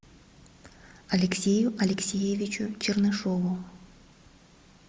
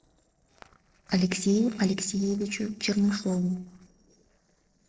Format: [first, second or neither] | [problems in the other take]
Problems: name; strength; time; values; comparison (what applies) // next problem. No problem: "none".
first | noise reduction (neural separator model SepFormer DNS4)